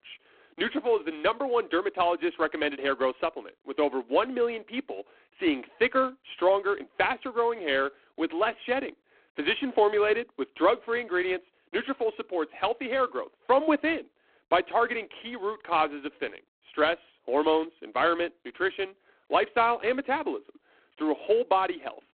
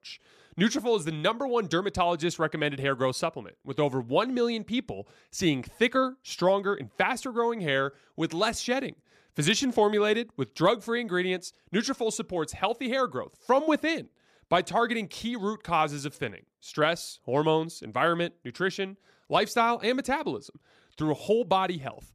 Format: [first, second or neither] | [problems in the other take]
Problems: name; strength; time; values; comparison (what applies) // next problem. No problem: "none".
second | phone-call audio; poor line